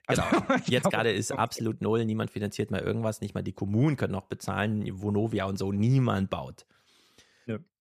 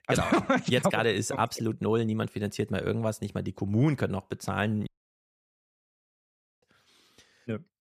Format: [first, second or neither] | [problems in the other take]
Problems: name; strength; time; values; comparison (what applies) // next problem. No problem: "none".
first | audio cutting out; at 5 s for 2 s